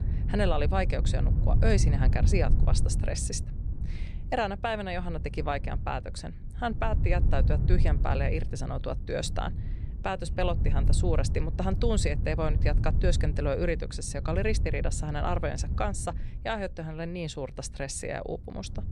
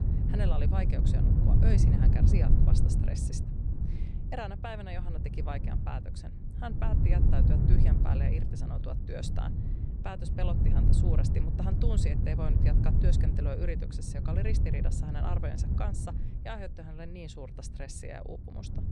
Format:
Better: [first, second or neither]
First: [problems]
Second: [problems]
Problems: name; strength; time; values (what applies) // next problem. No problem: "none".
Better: first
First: wind noise on the microphone; occasional gusts; 10 dB below the speech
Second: wind noise on the microphone; heavy; as loud as the speech